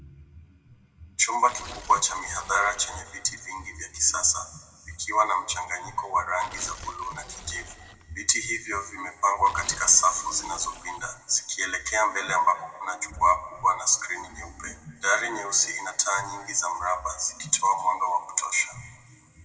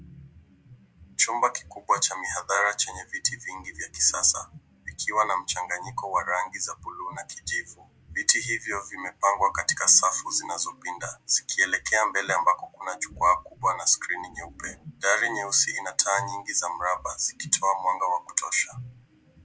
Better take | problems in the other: second | background sound (Tearing); 18 dB below the speech // room echo; dies away in 1.1 s

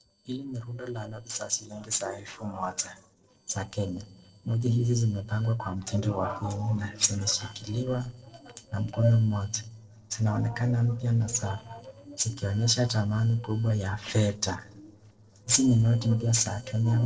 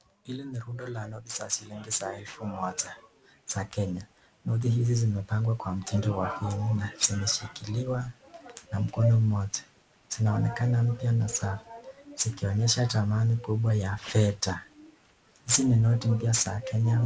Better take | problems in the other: second | noise reduction (neural separator model SepFormer DNS4)

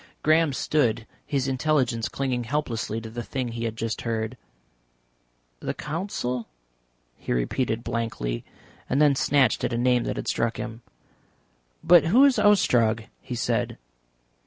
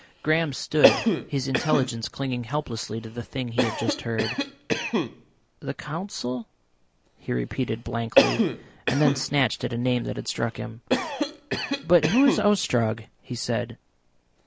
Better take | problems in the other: first | background sound (Cough); 2 dB below the speech

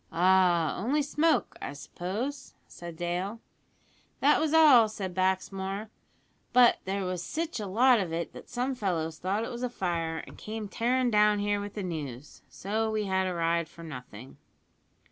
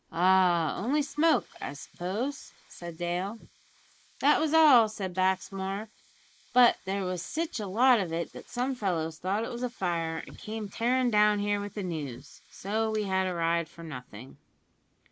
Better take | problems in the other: first | noise reduction (neural mask model Resemble Enhance denoiser)

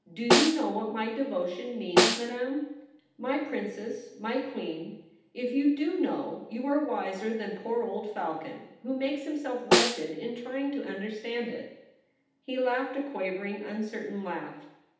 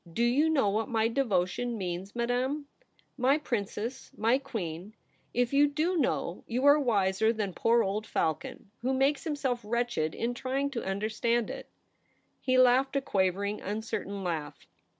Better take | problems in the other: second | background sound (Snare drum); 4 dB above the speech // room echo; dies away in 0.8 s

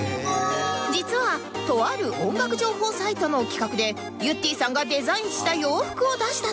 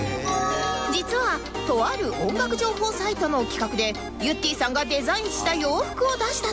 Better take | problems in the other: first | background sound (Clock); 15 dB below the speech

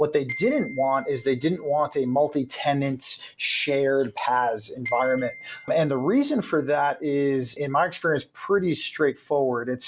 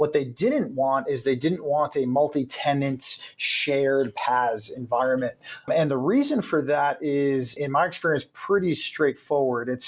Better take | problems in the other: second | background sound (Glockenspiel); 18 dB below the speech

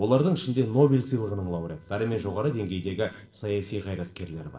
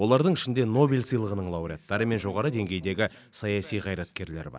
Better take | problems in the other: second | noise reduction (neural separator model SepFormer DNS4)

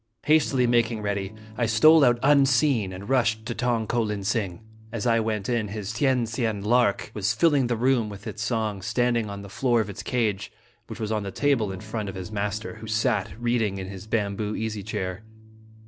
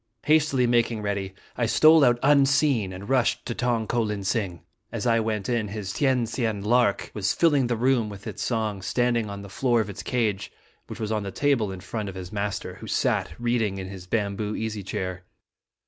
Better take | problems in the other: second | background sound (Electric guitar / Strum); 18 dB below the speech

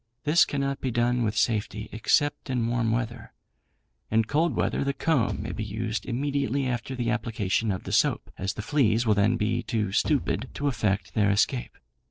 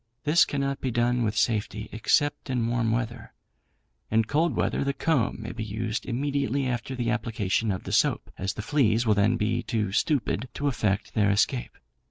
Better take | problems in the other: second | noise reduction (neural separator model SepFormer DNS4)

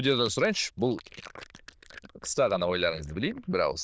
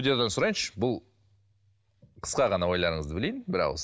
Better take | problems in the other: second | noise reduction (neural diffusion model UNIVERSE++)

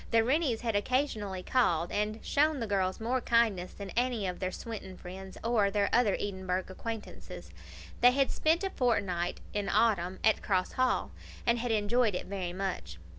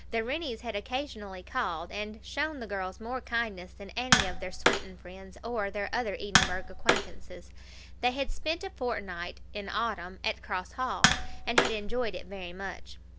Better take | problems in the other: first | background sound (Tap); 3 dB above the speech

